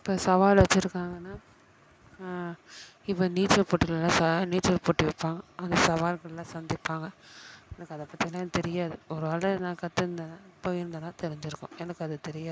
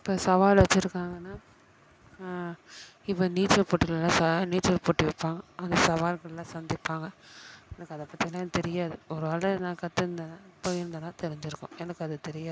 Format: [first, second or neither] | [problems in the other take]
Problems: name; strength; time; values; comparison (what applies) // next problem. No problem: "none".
first | background sound (Gunshot, gunfire); 20 dB below the speech